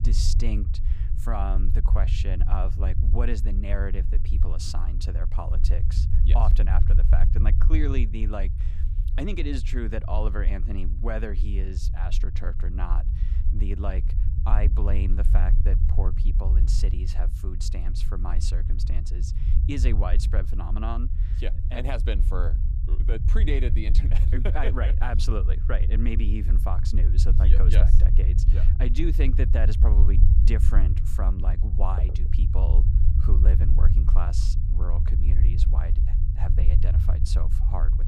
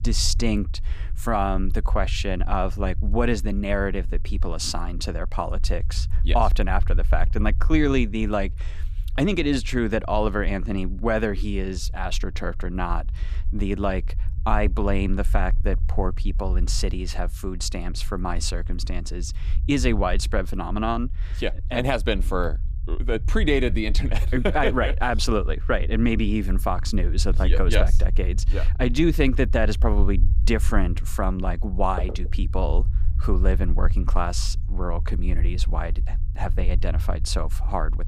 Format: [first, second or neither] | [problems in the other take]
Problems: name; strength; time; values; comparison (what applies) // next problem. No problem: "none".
second | low rumble; loud; throughout; 6 dB below the speech; faint in the second